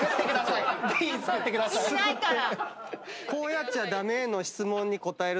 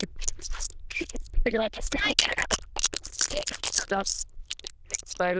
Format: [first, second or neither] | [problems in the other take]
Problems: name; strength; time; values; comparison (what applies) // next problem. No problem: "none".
first | noise reduction (neural diffusion model UNIVERSE++)